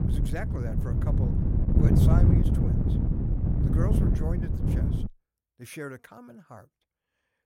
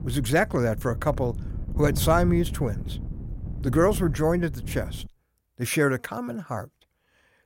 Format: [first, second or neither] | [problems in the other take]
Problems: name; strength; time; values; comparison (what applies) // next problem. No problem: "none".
second | wind noise on the microphone; heavy; until 5 s; 5 dB above the speech; occasional gusts in the second